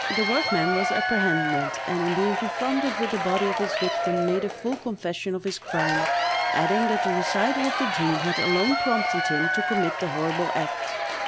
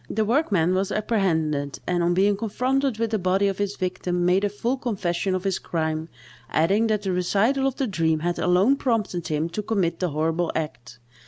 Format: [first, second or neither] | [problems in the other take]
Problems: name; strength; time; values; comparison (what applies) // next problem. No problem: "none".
second | background sound (Applause / Crowd / Cheering); 1 dB above the speech